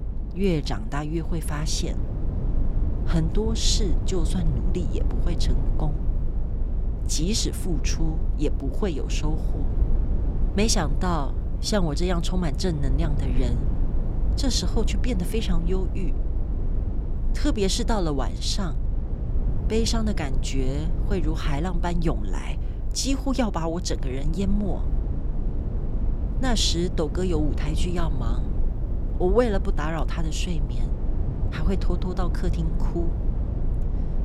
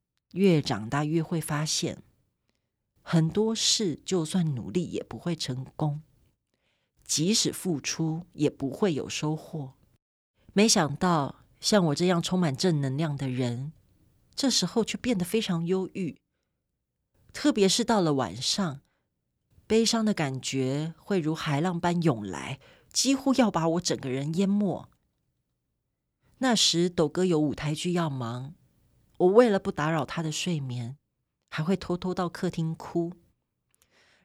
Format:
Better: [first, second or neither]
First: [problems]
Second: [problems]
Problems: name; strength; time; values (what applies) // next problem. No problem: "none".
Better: second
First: low rumble; noticeable; throughout; 10 dB below the speech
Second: none